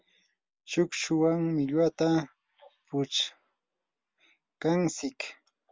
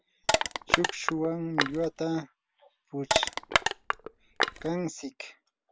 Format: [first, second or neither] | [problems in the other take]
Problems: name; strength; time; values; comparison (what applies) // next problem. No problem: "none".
first | background sound (Crushing); 5 dB above the speech